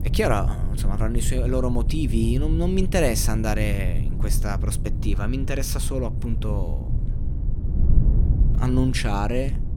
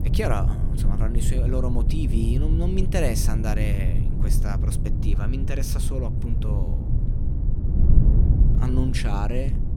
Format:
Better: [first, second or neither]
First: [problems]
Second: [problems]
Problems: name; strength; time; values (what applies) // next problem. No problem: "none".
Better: first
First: wind noise on the microphone; occasional gusts; 10 dB below the speech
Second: wind noise on the microphone; heavy; 5 dB below the speech